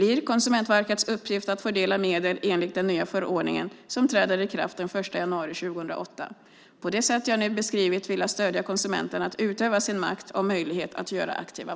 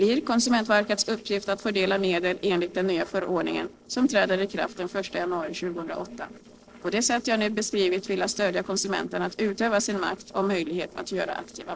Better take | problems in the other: first | noise reduction (neural separator model SepFormer DNS4)

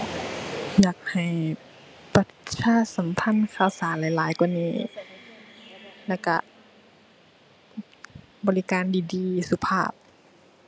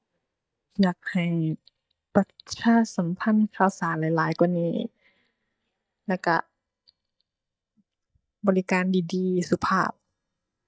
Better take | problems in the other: first | noise reduction (neural mask model DeepFilterNet 3)

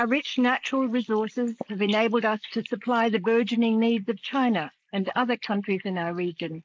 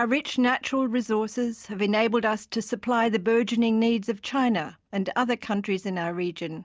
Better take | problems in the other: second | noise reduction (neural mask model Resemble Enhance denoiser)

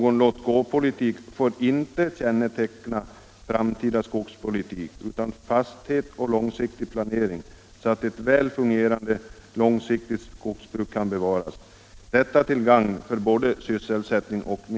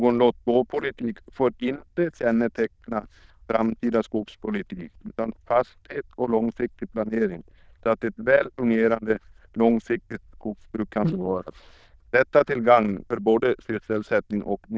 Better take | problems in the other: first | noise reduction (neural diffusion model UNIVERSE++)

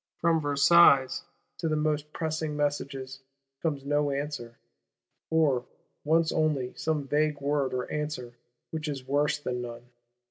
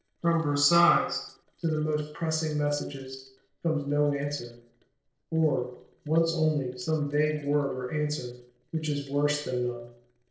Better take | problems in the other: first | noise reduction (neural separator model SepFormer DNS4)

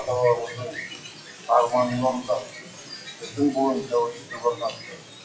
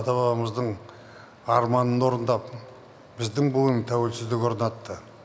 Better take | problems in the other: second | noise reduction (classical method WPE with log-MMSE)

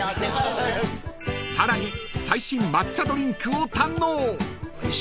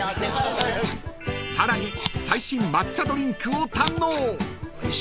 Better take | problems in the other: first | background sound (Scissors); 11 dB below the speech

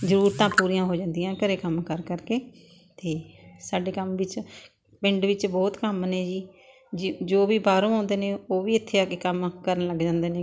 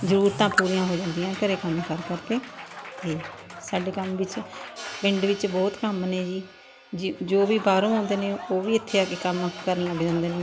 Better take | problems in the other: first | background sound (Crash cymbal + Applause); 13 dB below the speech

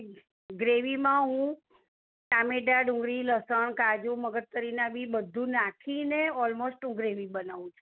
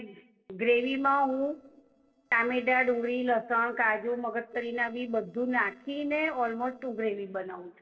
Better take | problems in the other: first | noise reduction (neural separator model SepFormer DNS4)

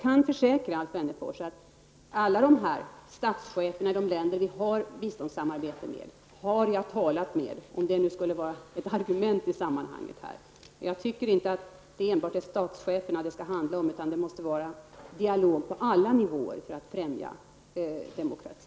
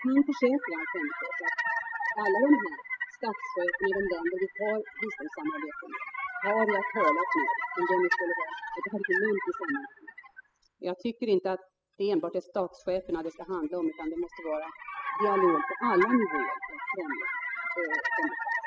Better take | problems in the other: first | noise reduction (classical method spectral subtraction)

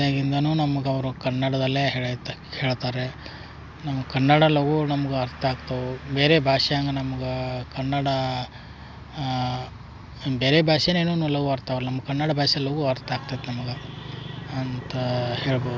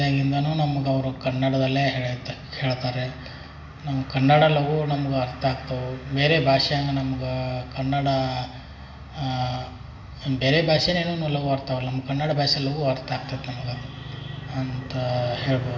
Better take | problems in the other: first | room echo; dies away in 0.9 s

